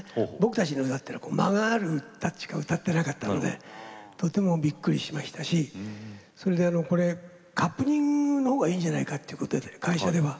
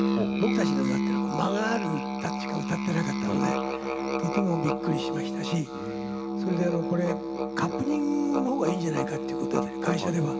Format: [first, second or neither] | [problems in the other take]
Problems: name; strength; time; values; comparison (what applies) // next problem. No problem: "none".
first | background sound (Musical instrument); 1 dB above the speech